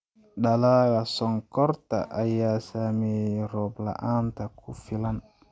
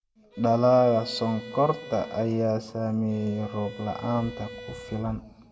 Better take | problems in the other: first | background sound (Bowed string instrument); 17 dB below the speech // room echo; dies away in 0.9 s

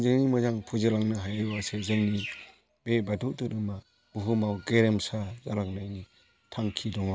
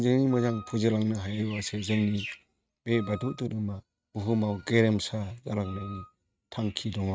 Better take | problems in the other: first | noise reduction (neural mask model RNNoise)

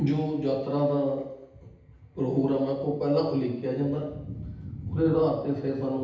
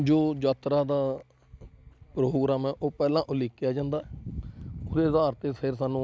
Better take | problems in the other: second | room echo; dies away in 0.9 s

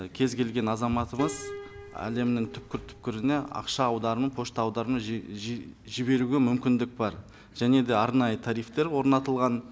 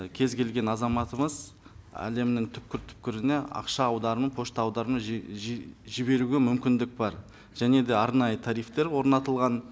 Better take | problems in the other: second | background sound (Piano); 16 dB below the speech

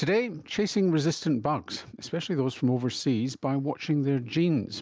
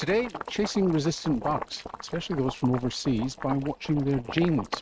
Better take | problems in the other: first | noise reduction (neural mask model RNNoise)

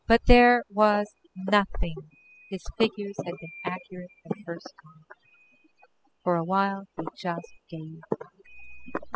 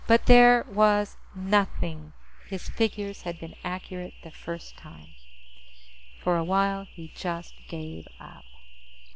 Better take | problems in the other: second | noise reduction (classical method spectral subtraction)

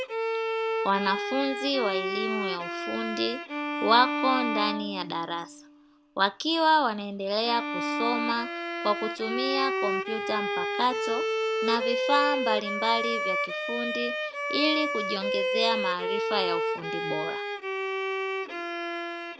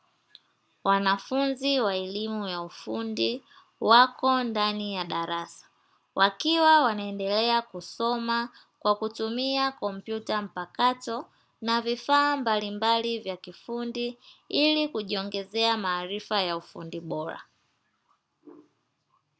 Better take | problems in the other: second | background sound (Bowed string instrument); 1 dB below the speech

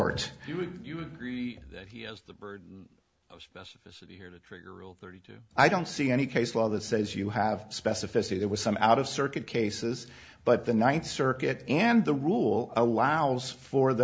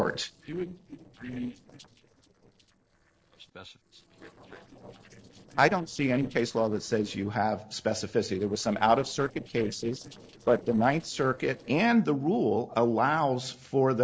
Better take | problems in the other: first | noise reduction (neural separator model SepFormer DNS4)

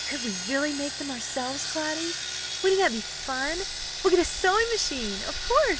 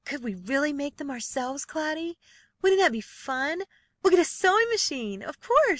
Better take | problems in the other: second | background sound (Sawing); 6 dB below the speech

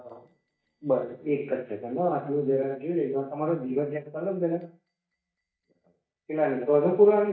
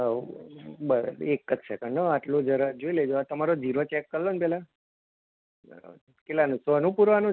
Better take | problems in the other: second | noise reduction (neural mask model DeepFilterNet 3)

